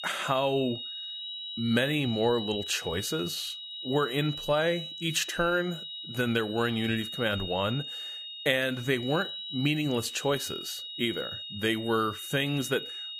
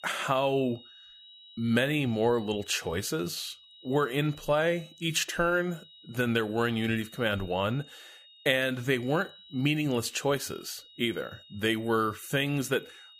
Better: second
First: high-pitched whine; loud; throughout; 3.5 kHz, 7 dB below the speech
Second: high-pitched whine; faint; throughout; 3.5 kHz, 20 dB below the speech

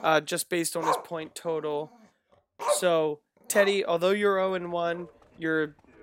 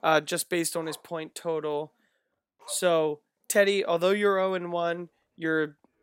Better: second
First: animal sounds; loud; throughout; 4 dB below the speech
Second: animal sounds; faint; throughout; 25 dB below the speech

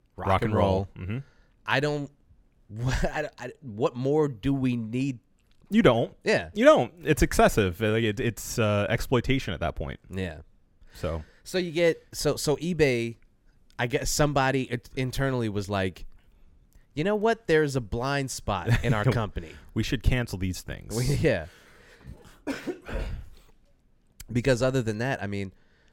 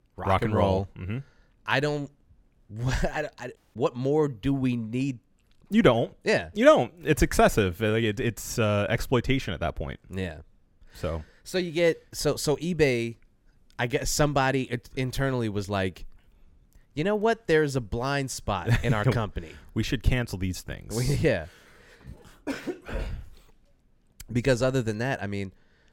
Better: first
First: none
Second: audio cutting out; at 3.5 s

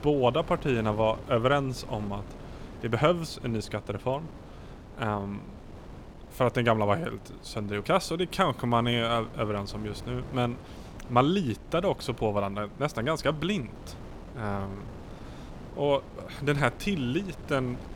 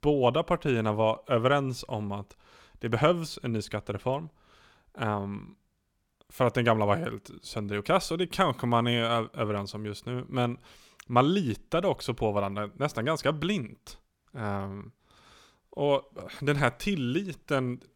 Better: second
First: wind noise on the microphone; occasional gusts; 20 dB below the speech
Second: none

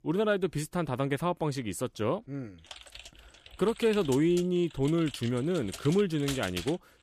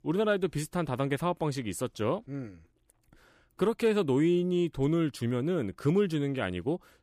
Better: second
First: keyboard typing; noticeable; from 2.5 s on; peak 7 dB below the speech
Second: none

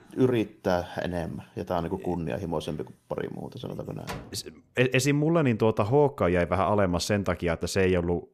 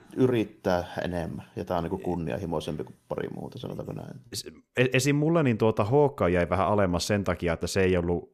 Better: second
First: door banging; faint; at 4 s; peak 15 dB below the speech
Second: none

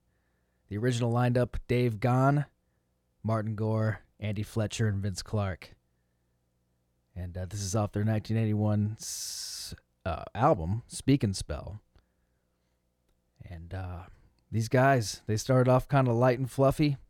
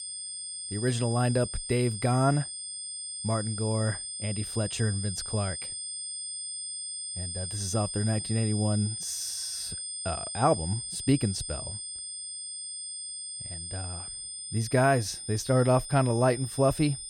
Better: first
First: none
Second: high-pitched whine; loud; throughout; 8.5 kHz, 6 dB below the speech

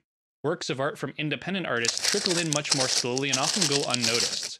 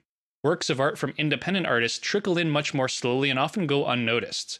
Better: second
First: footsteps; loud; from 2 s on; peak 6 dB above the speech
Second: none

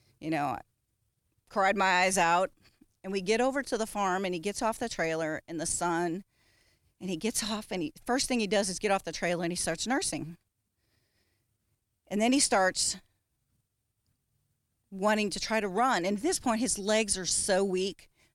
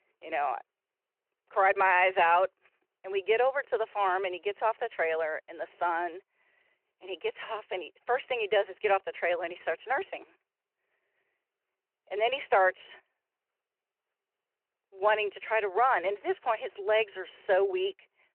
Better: first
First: none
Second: phone-call audio

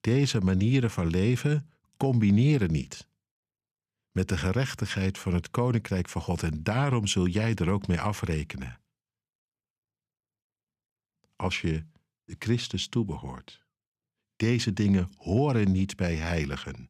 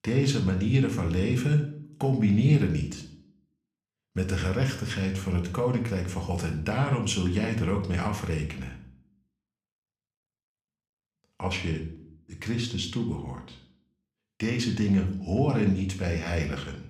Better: first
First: none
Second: room echo; slight; dies away in 0.5 s

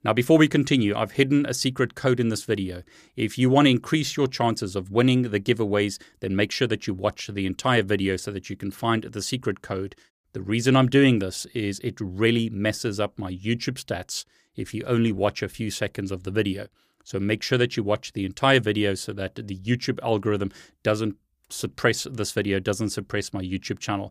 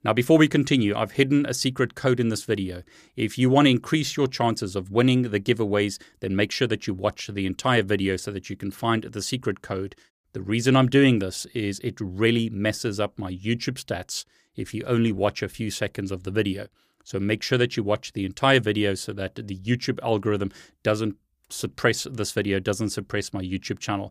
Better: neither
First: none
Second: none

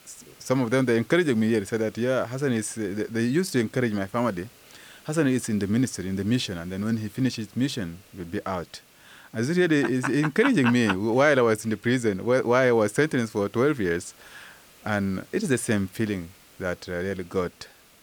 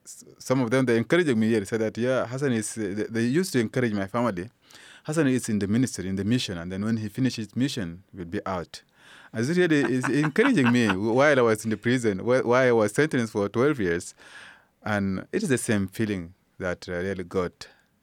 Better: second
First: hiss; faint; throughout; 25 dB below the speech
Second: none

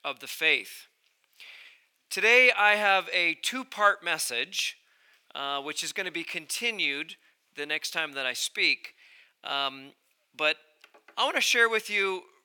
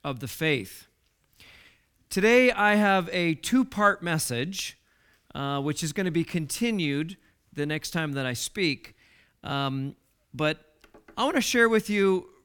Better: second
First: thin; very; fading below 650 Hz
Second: none

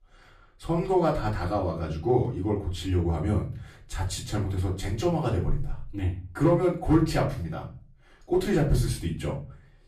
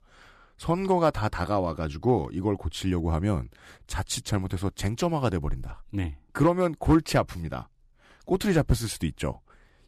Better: second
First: off-mic speech; far // room echo; slight; dies away in 0.4 s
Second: none

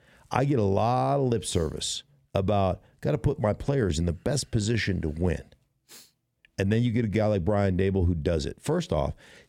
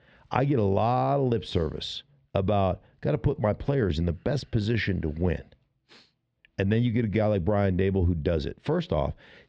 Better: first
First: none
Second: muffled; slightly; fading above 4 kHz

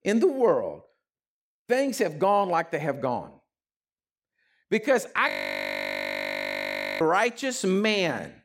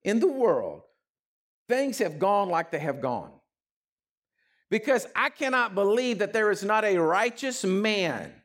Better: second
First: audio freezing; at 5.5 s for 1.5 s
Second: none

